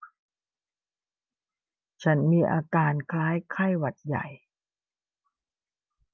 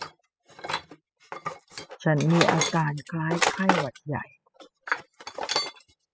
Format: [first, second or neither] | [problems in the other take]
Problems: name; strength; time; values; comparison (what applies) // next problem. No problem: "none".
first | noise reduction (classical method spectral subtraction)